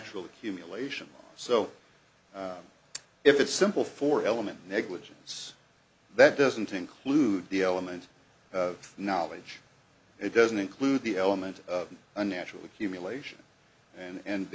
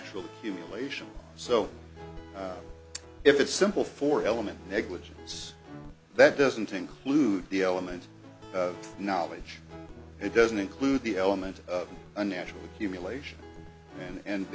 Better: first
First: none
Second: background sound (Guitar); 17 dB below the speech

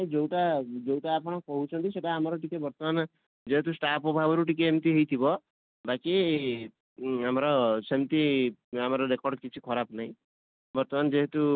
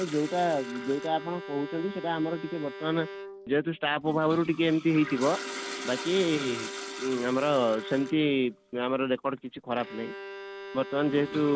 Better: first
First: none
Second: background sound (Toilet flush + Bowed string instrument); 11 dB below the speech

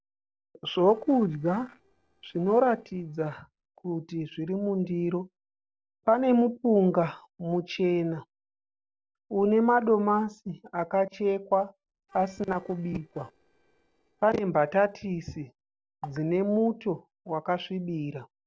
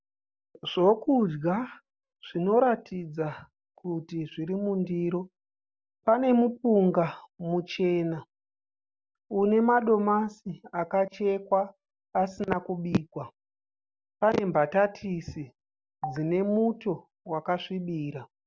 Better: second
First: noise reduction (neural separator model SepFormer DNS4)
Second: none

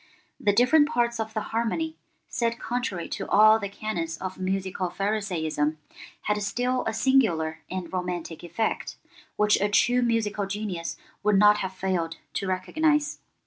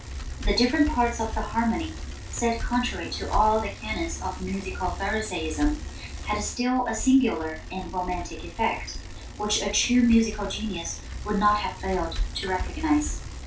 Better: first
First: none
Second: background sound (Bicycle); 7 dB below the speech // room echo; dies away in 0.2 s

